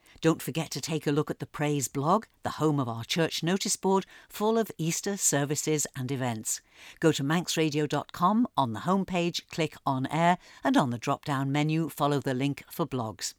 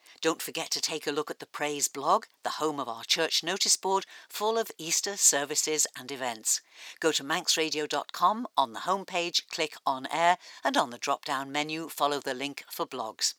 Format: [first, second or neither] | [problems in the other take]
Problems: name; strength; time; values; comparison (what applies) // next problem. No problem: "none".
first | thin; somewhat; fading below 500 Hz